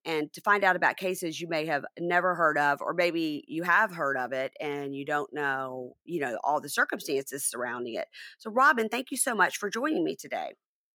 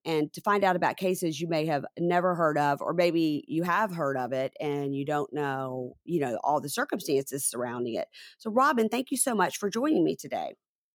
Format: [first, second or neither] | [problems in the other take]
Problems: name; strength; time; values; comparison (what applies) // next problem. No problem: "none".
second | thin; very slightly; fading below 300 Hz